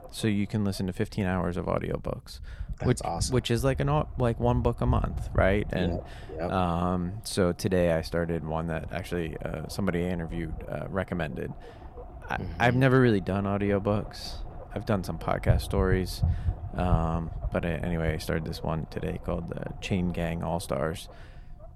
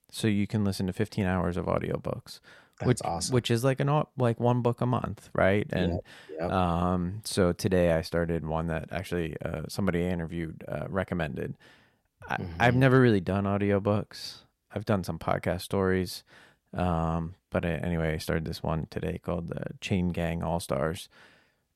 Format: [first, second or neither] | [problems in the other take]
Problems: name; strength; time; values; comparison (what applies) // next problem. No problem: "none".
second | low rumble; noticeable; throughout; 20 dB below the speech